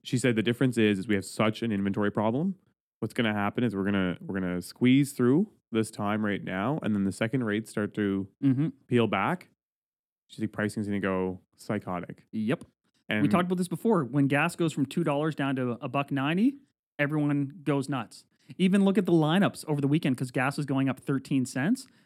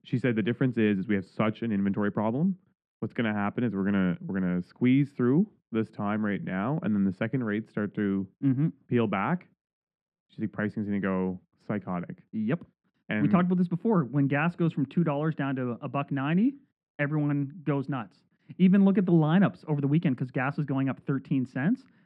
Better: first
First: none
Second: muffled; very; fading above 2 kHz

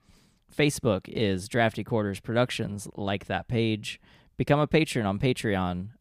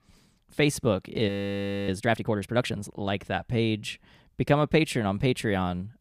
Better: first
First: none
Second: audio freezing; at 1.5 s for 0.5 s

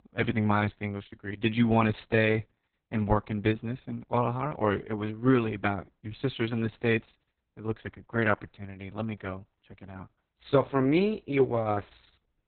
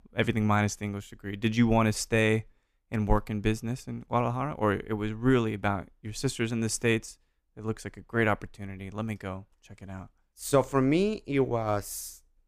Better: second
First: garbled, watery; badly; nothing above 4 kHz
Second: none

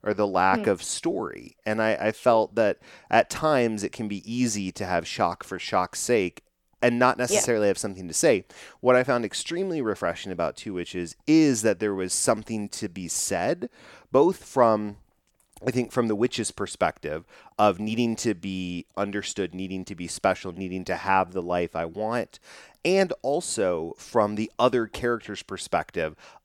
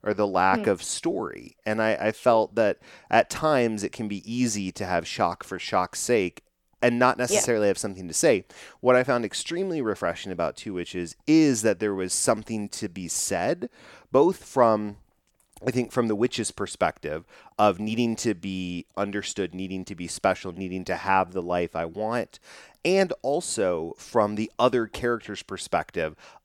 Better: neither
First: none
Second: none

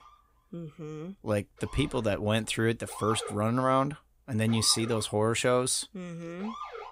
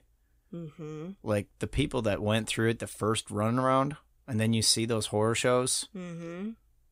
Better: second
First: siren; noticeable; peak 9 dB below the speech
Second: none

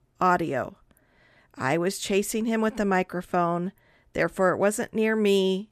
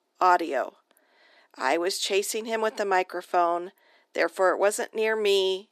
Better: first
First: none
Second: thin; very; fading below 300 Hz

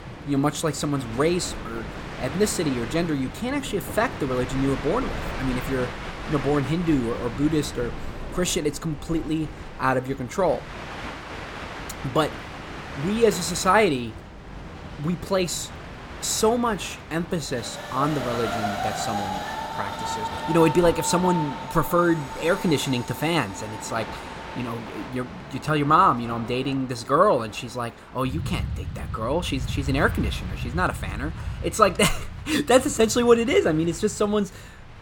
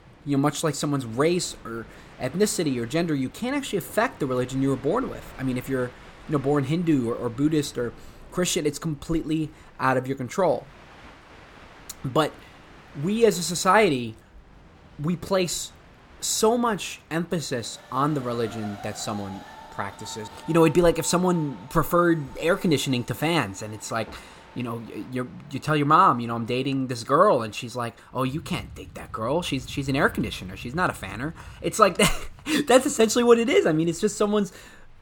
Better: second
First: train or aircraft noise; loud; throughout; 10 dB below the speech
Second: train or aircraft noise; faint; throughout; 20 dB below the speech

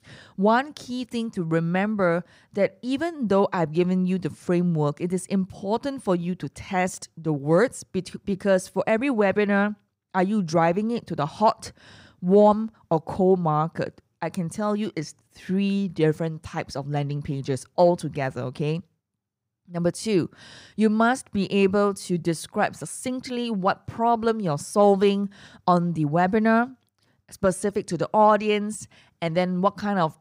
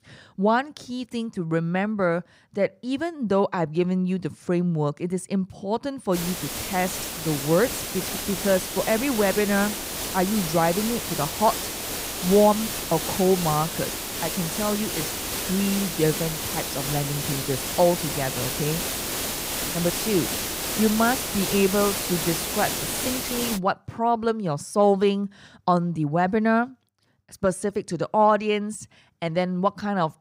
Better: first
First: none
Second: hiss; loud; from 6 to 24 s; 3 dB below the speech

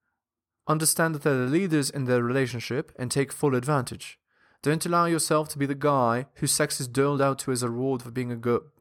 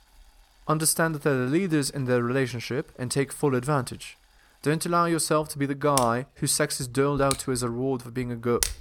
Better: first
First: none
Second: household noises; loud; throughout; 6 dB below the speech

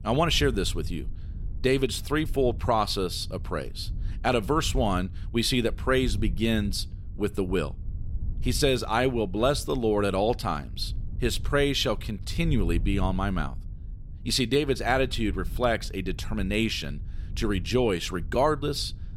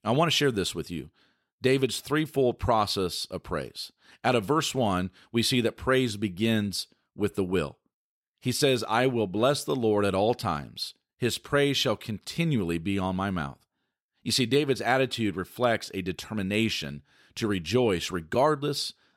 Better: second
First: wind noise on the microphone; occasional gusts; 25 dB below the speech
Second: none

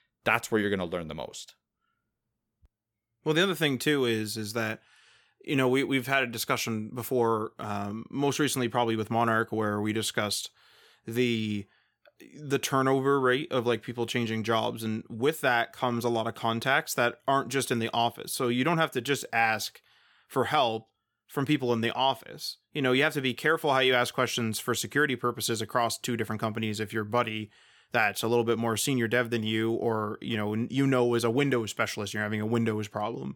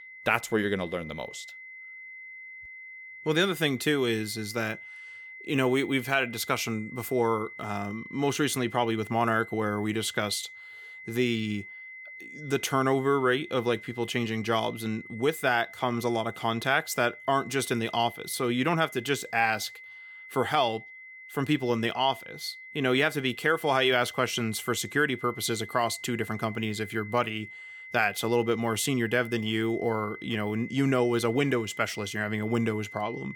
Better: first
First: none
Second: high-pitched whine; noticeable; throughout; 2 kHz, 15 dB below the speech

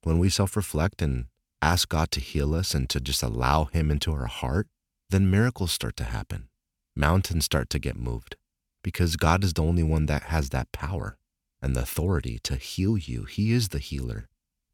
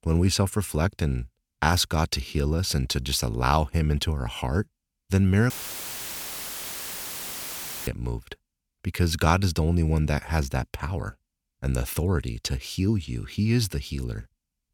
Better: first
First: none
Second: audio cutting out; filled with static; at 5.5 s for 2.5 s

